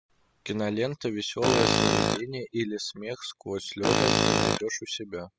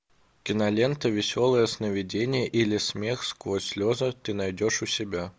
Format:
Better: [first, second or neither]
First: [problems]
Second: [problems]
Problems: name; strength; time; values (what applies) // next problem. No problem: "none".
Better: second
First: noise reduction (classical method spectral subtraction)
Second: none